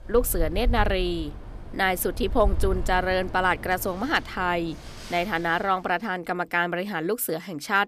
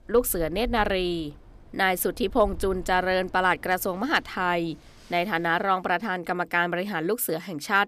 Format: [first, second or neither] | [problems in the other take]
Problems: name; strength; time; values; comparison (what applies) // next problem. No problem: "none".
second | wind in the background; loud; until 5.5 s; 9 dB below the speech; faint in the second